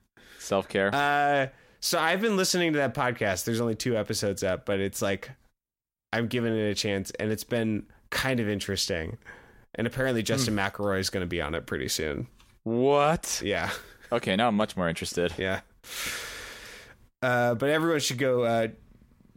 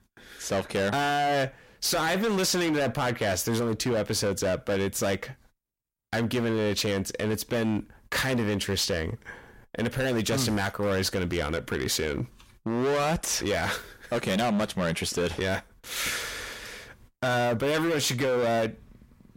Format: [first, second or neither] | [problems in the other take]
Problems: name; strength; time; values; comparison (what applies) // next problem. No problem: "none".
first | distortion; heavy; 18% of the sound clipped